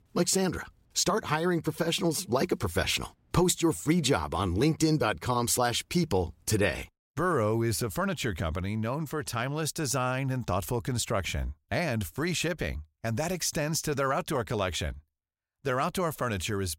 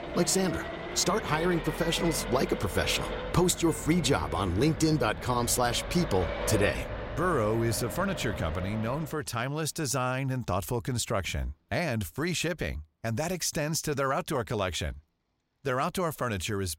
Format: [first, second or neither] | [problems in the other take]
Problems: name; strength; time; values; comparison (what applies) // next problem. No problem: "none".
first | traffic noise; loud; throughout; 8 dB below the speech